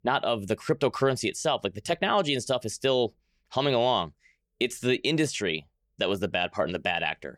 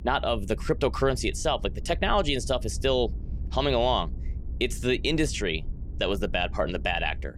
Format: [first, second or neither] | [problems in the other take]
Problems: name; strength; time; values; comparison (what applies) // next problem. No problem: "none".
first | low rumble; faint; throughout; 25 dB below the speech